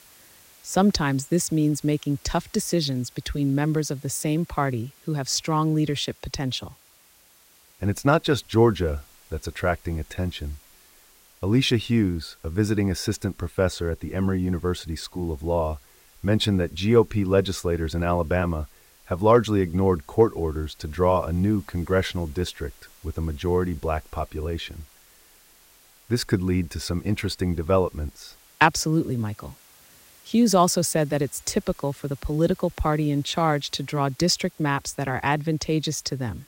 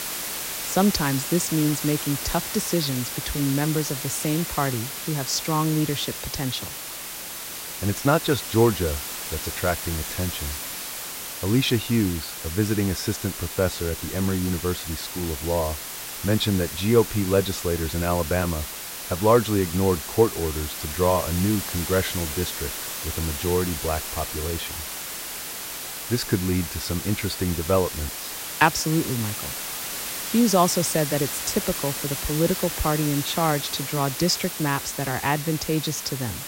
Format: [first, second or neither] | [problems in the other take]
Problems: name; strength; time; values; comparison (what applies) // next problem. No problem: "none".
first | hiss; loud; throughout; 5 dB below the speech; faint in the first